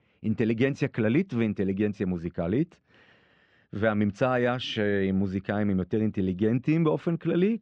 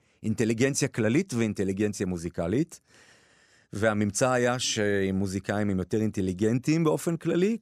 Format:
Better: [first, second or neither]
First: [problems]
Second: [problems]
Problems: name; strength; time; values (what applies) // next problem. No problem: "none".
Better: second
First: muffled; very; fading above 3.5 kHz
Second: none